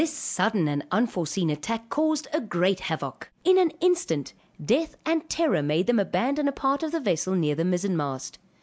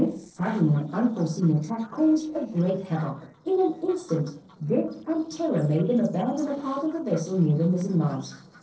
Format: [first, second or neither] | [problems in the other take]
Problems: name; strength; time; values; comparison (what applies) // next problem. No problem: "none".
first | noise reduction (neural separator model SepFormer DNS4)